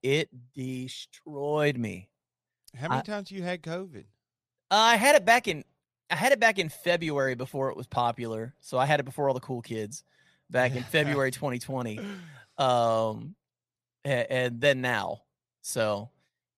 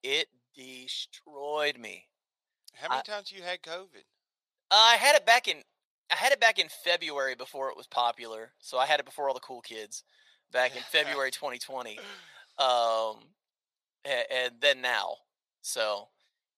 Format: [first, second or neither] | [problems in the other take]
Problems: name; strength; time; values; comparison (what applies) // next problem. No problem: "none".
first | thin; very; fading below 700 Hz